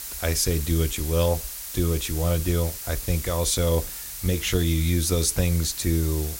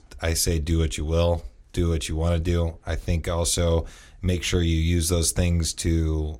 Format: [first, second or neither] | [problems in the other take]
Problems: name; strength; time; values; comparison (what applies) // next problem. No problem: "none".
second | hiss; loud; throughout; 8 dB below the speech